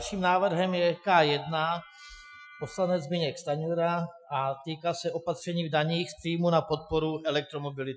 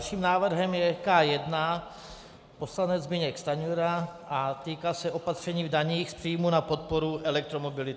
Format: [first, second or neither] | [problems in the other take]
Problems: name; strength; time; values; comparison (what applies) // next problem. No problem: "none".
second | noise reduction (classical method Wiener filter)